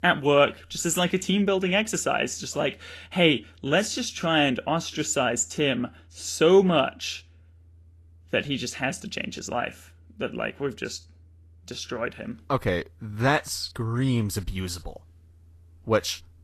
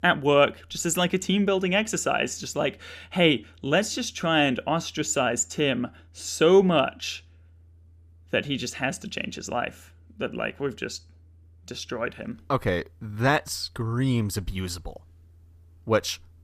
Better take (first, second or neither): second